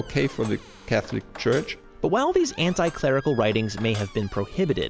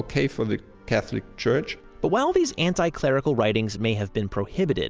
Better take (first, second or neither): second